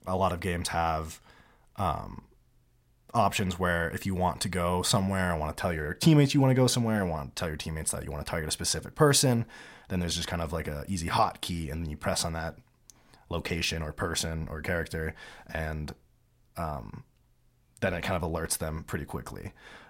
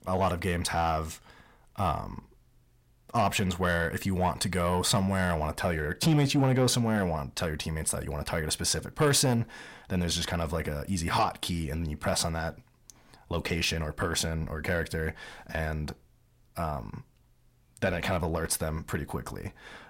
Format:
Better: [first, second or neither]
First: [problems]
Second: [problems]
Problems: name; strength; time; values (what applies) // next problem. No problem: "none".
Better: first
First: none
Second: distortion; slight; 10 dB below the speech